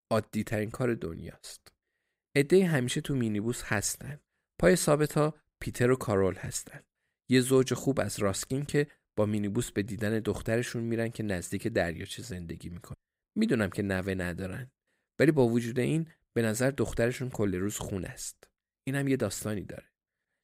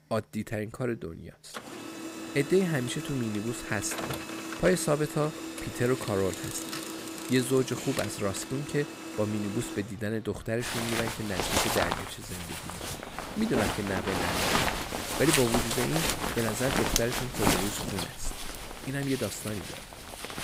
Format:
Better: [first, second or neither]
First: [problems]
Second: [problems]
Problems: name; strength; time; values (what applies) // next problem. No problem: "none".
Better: first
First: none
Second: household noises; loud; throughout; 1 dB below the speech